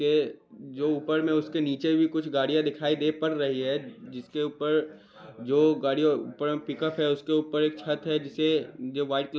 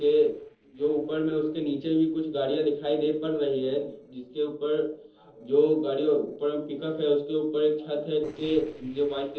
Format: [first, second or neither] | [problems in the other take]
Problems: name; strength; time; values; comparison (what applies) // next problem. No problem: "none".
first | noise reduction (neural separator model SepFormer DNS4)